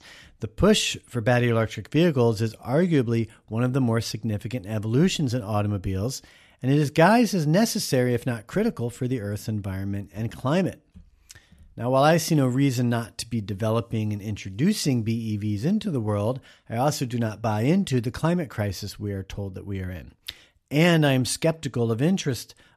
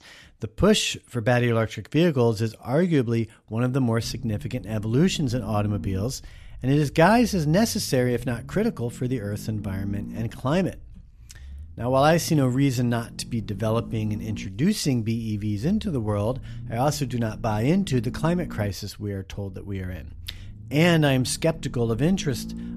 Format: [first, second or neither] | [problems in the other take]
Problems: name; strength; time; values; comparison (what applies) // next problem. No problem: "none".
first | low rumble; faint; from 4 s on; 20 dB below the speech